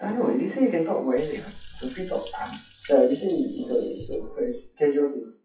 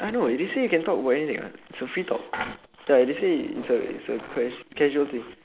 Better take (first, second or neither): second